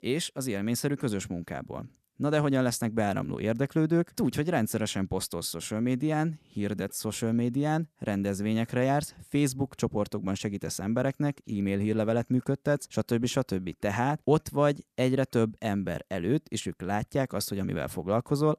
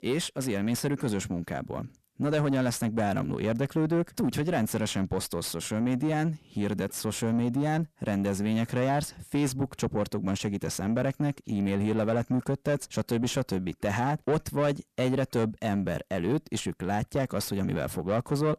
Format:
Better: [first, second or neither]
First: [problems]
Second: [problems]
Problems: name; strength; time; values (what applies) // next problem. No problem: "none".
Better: first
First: none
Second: distortion; slight; 10 dB below the speech